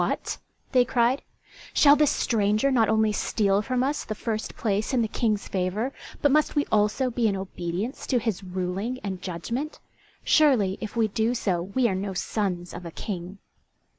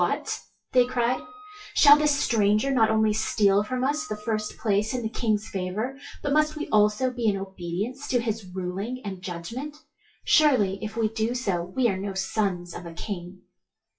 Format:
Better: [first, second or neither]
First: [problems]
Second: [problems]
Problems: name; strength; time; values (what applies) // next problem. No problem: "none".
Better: first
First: none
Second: noise reduction (classical method WPE with log-MMSE)